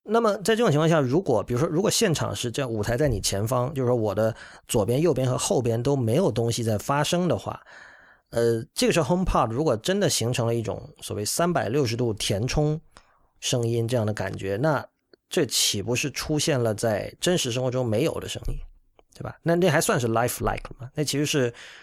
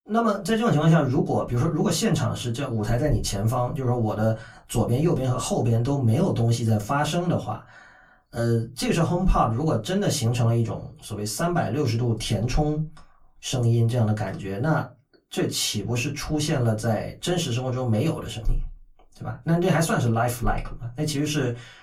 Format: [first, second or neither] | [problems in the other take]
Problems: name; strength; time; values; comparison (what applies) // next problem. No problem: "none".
first | off-mic speech; far // room echo; very slight; dies away in 0.2 s